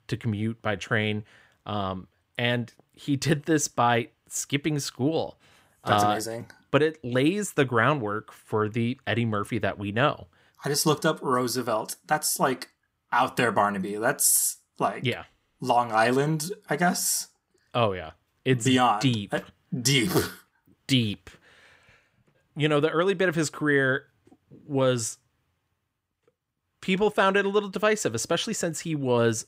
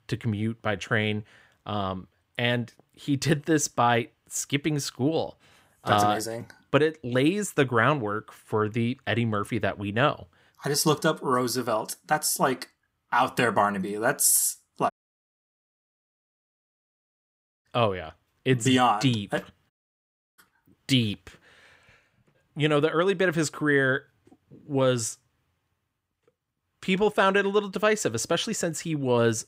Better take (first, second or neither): first